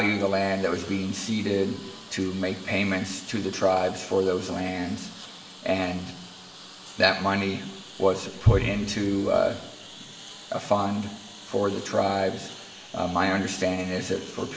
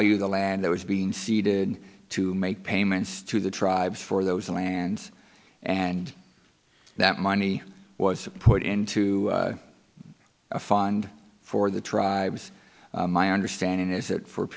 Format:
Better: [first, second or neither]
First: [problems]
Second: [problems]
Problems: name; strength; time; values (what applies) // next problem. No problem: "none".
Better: second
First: background sound (Engine); 18 dB below the speech // room echo; dies away in 1 s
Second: none